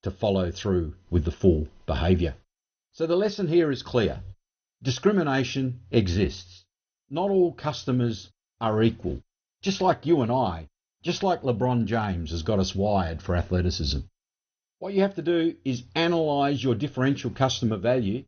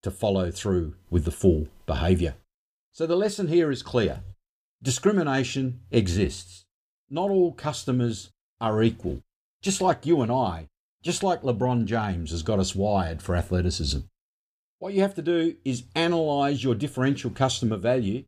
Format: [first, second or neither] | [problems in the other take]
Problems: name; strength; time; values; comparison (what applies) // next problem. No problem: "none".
second | garbled, watery; slightly; nothing above 6.5 kHz